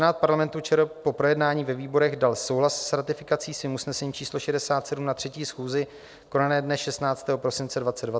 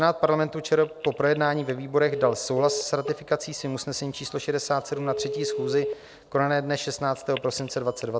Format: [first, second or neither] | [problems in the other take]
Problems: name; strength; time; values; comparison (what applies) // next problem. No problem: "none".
first | background sound (Telephone); 10 dB below the speech